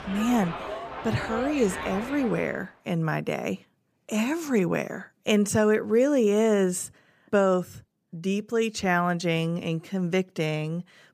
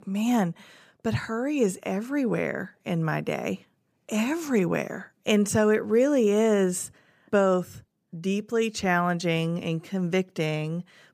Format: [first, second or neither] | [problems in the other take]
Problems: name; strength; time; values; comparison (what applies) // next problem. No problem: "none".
second | train or aircraft noise; loud; until 2 s; 9 dB below the speech